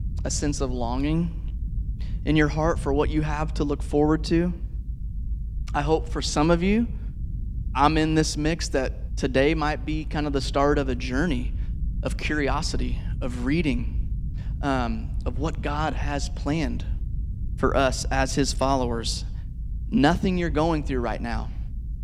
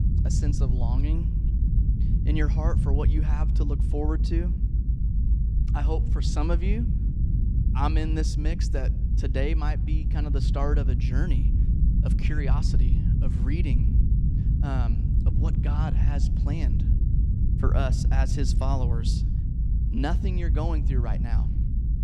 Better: first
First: low rumble; faint; throughout; 25 dB below the speech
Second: low rumble; loud; throughout; 5 dB below the speech

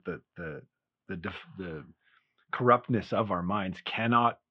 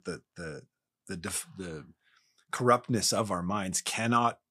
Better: second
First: muffled; very; fading above 3 kHz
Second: none

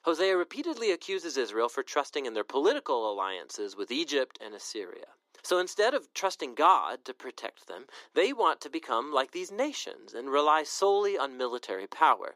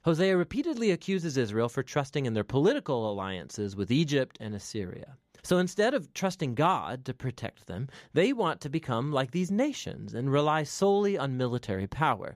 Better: second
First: thin; very; fading below 300 Hz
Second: none

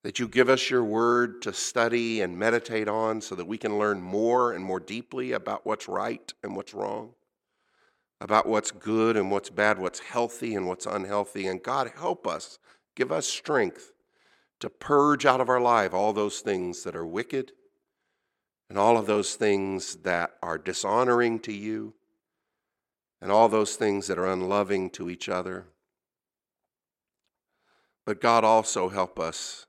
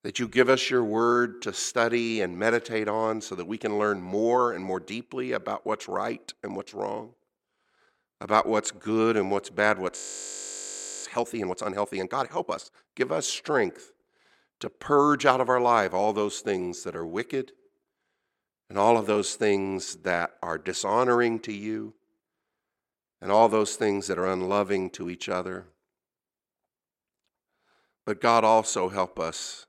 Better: first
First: none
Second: audio freezing; at 10 s for 1 s

